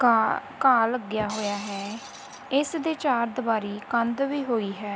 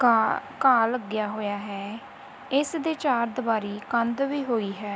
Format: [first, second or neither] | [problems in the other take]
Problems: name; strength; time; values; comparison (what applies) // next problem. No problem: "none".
second | background sound (Shatter); 19 dB below the speech